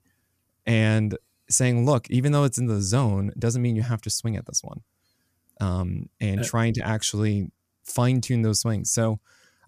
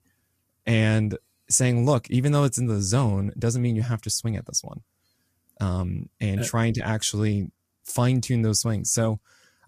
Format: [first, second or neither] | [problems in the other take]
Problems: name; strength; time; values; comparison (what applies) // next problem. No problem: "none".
first | garbled, watery; slightly; nothing above 14.5 kHz